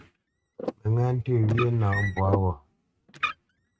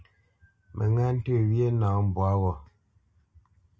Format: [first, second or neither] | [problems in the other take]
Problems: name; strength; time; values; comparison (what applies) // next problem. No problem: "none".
second | noise reduction (neural mask model RNNoise)